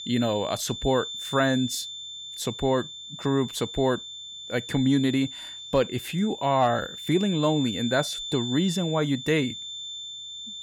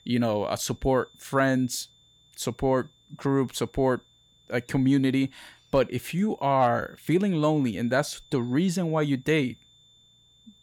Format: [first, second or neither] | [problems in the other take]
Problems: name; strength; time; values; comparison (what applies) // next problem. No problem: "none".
second | high-pitched whine; loud; throughout; 3.5 kHz, 9 dB below the speech; faint in the second